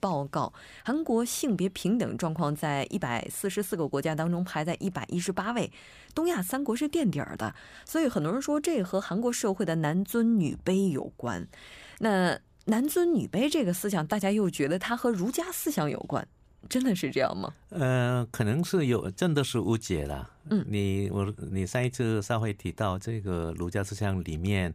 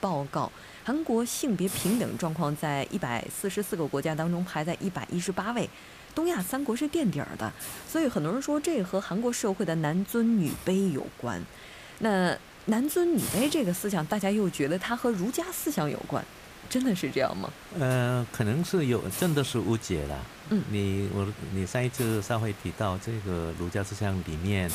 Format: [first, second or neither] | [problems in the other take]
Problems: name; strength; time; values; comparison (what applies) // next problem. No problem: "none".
first | hiss; noticeable; throughout; 15 dB below the speech